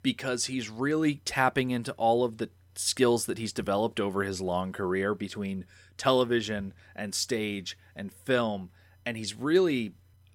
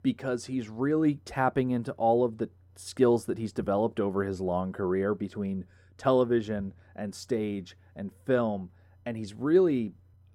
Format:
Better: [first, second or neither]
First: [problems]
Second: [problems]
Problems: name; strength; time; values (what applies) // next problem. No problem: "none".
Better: first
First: none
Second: muffled; slightly; fading above 1.5 kHz